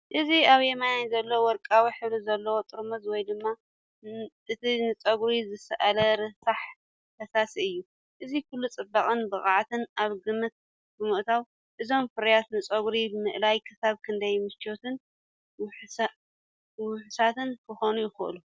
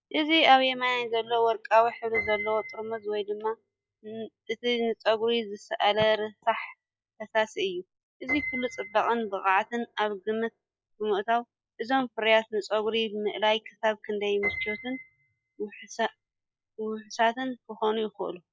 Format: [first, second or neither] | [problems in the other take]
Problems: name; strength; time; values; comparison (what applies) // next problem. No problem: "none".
first | noise reduction (classical method log-MMSE)